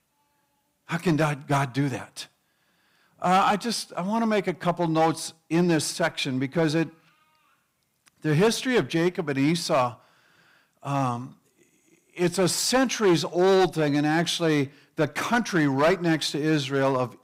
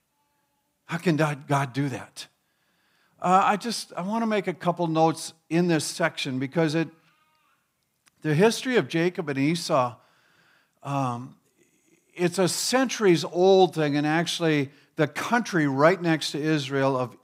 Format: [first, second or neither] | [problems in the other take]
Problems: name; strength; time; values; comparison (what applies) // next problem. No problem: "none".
second | distortion; slight; 4% of the sound clipped